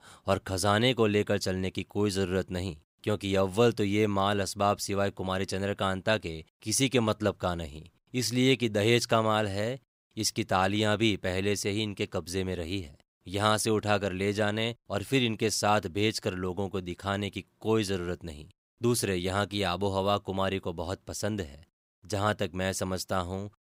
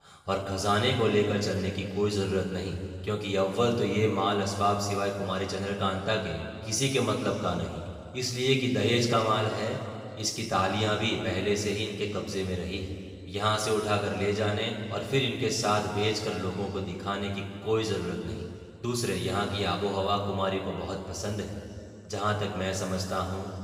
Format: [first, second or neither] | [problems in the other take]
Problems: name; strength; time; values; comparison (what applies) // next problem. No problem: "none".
first | room echo; noticeable; dies away in 2.2 s // off-mic speech; far